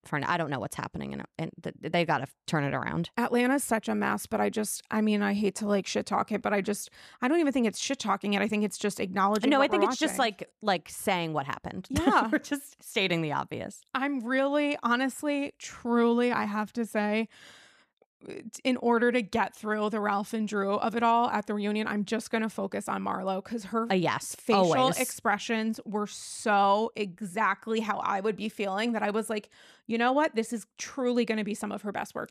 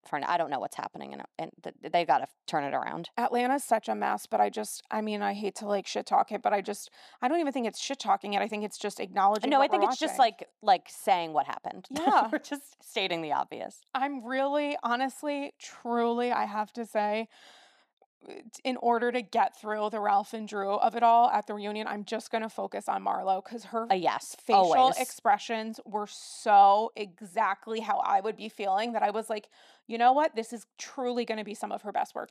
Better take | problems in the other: first | thin; somewhat; fading below 300 Hz

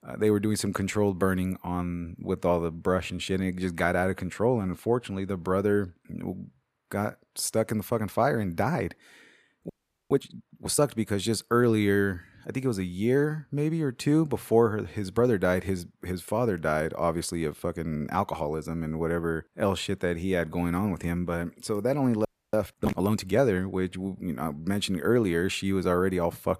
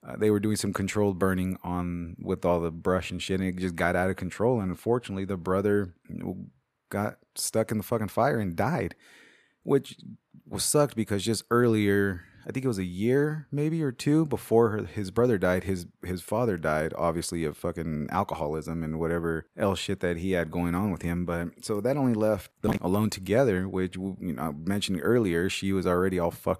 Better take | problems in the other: second | audio freezing; at 9.5 s and at 22 s

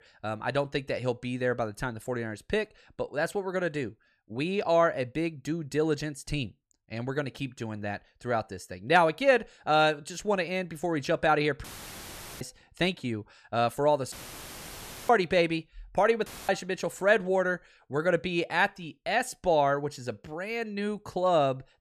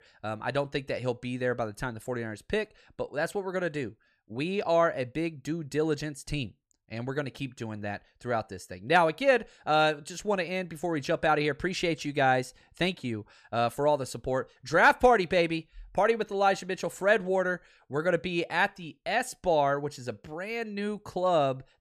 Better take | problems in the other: second | audio cutting out; filled with static; at 12 s for 1 s, at 14 s for 1 s and at 16 s

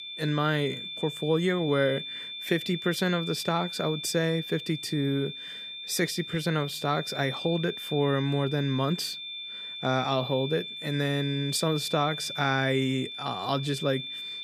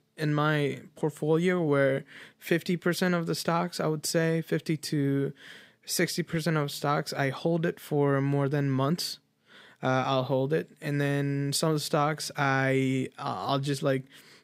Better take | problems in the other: second | high-pitched whine; loud; throughout; 3.5 kHz, 7 dB below the speech

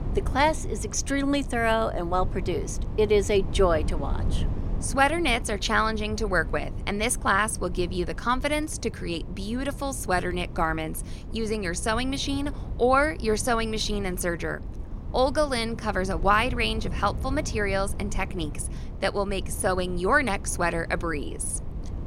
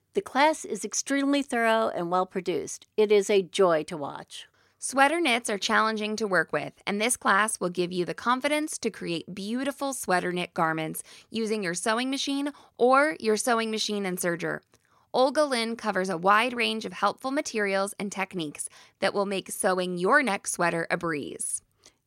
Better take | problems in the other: second | wind noise on the microphone; occasional gusts; 20 dB below the speech

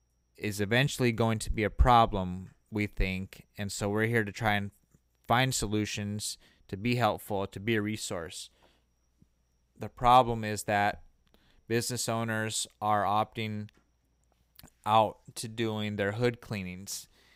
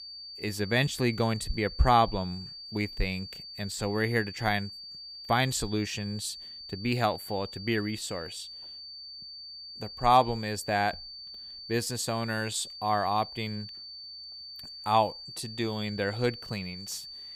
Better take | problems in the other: first | high-pitched whine; noticeable; throughout; 4.5 kHz, 10 dB below the speech

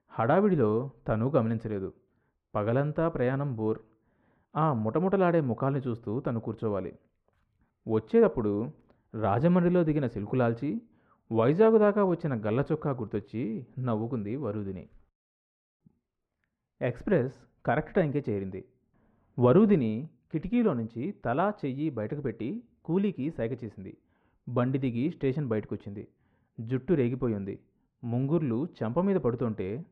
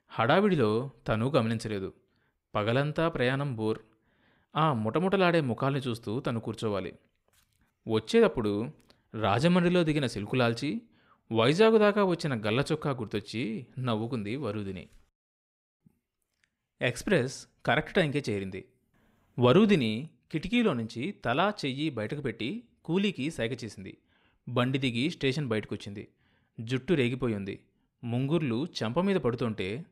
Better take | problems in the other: second | muffled; very; fading above 2.5 kHz

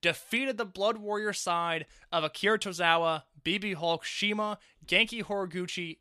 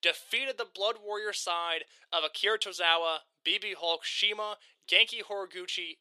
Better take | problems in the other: first | thin; very; fading below 400 Hz

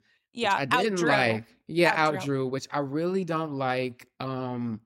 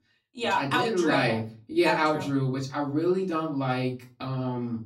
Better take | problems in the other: first | off-mic speech; far // room echo; very slight; dies away in 0.3 s

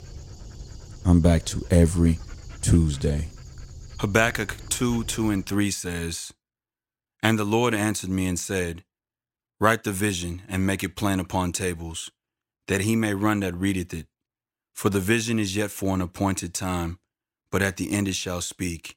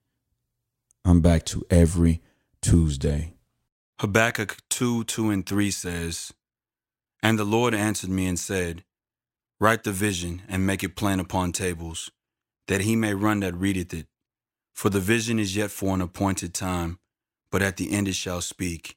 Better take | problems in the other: second | animal sounds; noticeable; until 5.5 s; 15 dB below the speech

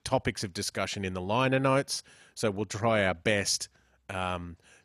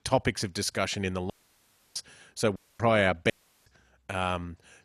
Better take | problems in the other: first | audio cutting out; at 1.5 s for 0.5 s, at 2.5 s and at 3.5 s

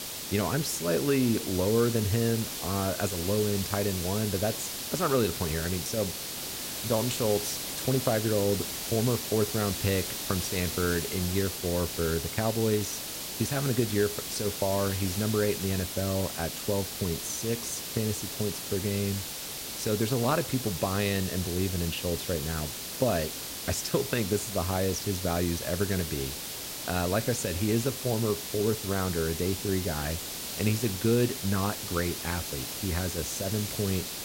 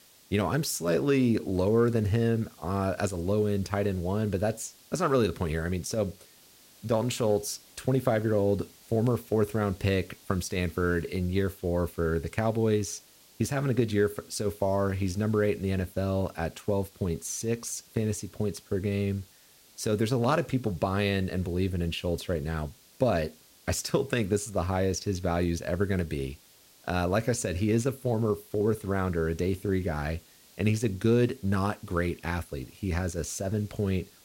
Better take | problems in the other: second | hiss; loud; throughout; 4 dB below the speech; faint in the second

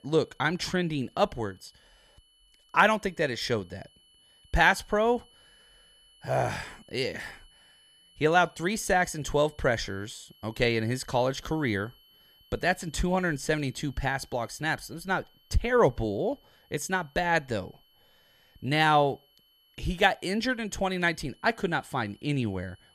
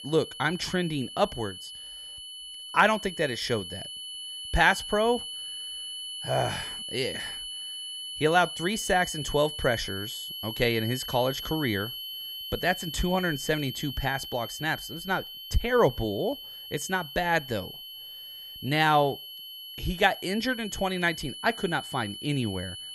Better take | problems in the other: first | high-pitched whine; loud; throughout; 3 kHz, 9 dB below the speech; faint in the first

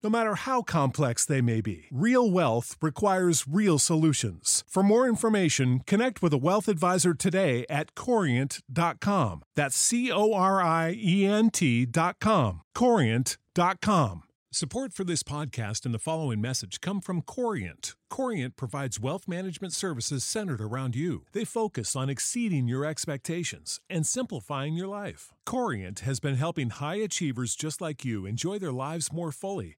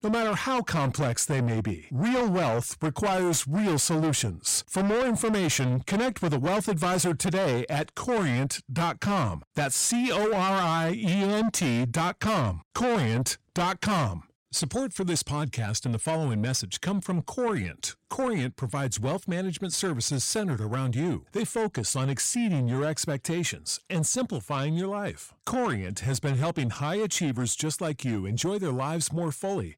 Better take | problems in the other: first | distortion; heavy; 7 dB below the speech

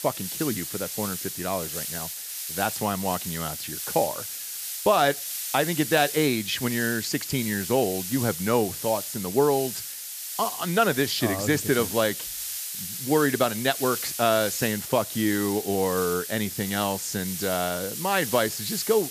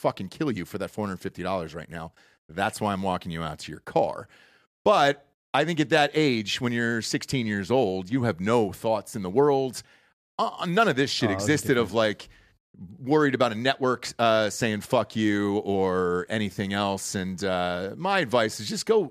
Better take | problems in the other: second | hiss; loud; throughout; 5 dB below the speech

